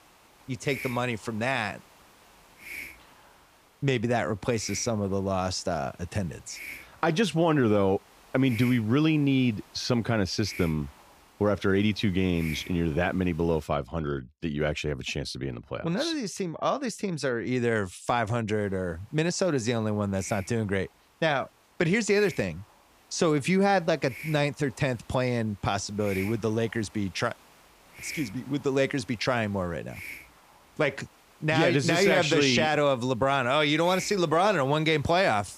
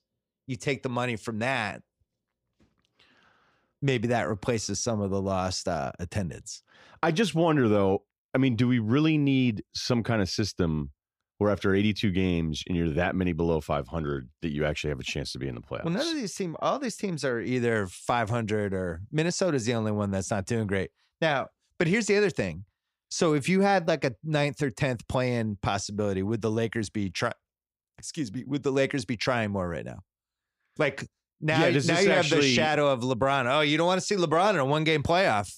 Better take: second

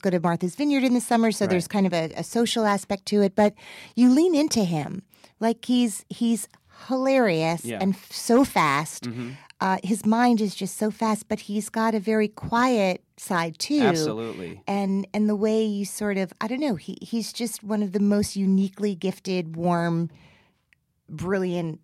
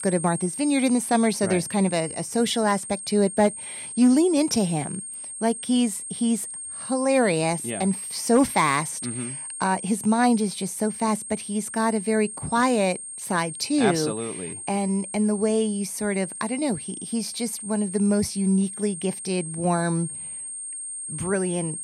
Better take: first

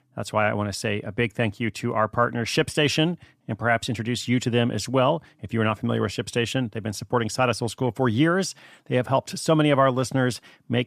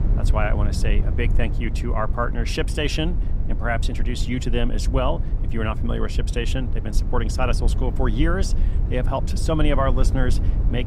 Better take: first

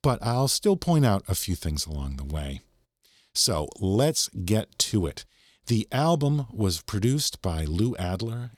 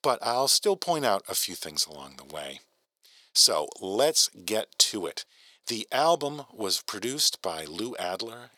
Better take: first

